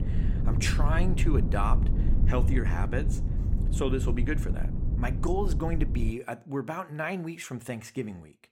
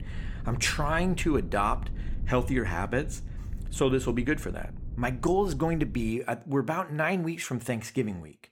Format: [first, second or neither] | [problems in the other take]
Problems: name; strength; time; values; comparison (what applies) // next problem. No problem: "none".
second | low rumble; loud; until 6 s; 8 dB below the speech; faint in the second